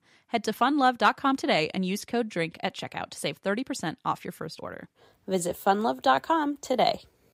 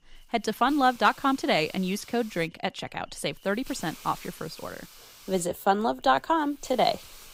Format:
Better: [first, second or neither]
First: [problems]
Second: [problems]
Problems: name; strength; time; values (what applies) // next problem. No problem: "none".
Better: first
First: none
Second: hiss; faint; throughout; 20 dB below the speech